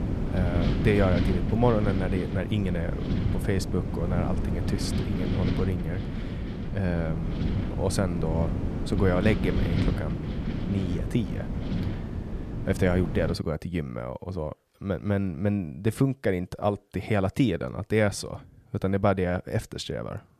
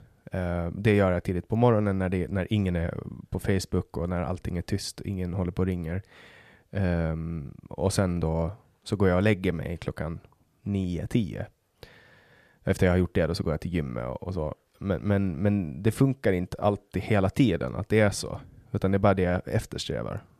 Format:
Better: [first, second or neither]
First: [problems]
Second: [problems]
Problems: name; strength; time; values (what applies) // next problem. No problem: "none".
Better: second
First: wind noise on the microphone; heavy; until 13 s; 6 dB below the speech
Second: none